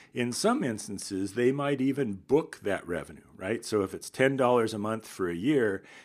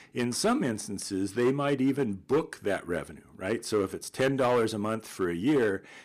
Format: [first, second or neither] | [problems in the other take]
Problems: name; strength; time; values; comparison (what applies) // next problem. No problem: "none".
first | distortion; slight; 4% of the sound clipped